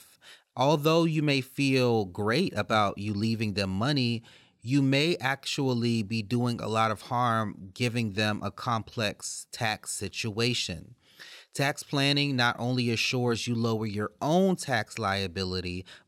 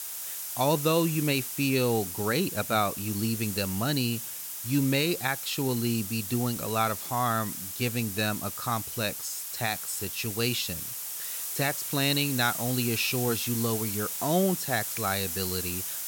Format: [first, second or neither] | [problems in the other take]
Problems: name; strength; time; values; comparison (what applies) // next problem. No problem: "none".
first | hiss; loud; throughout; 4 dB below the speech